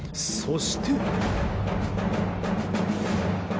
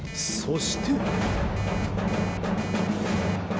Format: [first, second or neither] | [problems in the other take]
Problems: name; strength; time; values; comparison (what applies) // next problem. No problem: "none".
first | background sound (Alarm); 17 dB below the speech